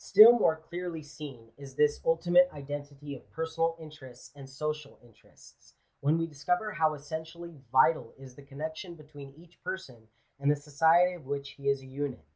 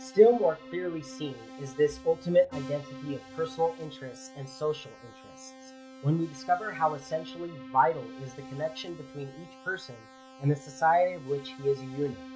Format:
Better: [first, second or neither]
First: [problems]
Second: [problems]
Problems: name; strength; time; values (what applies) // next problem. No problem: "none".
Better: first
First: none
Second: background sound (Keyboard (musical)); 16 dB below the speech